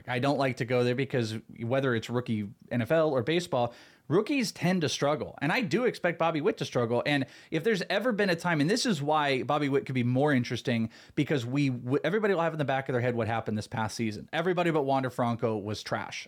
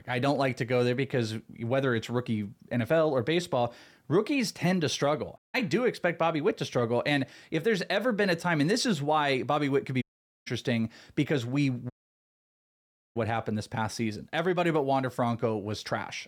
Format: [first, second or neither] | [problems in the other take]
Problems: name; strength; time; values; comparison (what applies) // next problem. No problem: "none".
first | audio cutting out; at 5.5 s, at 10 s and at 12 s for 1.5 s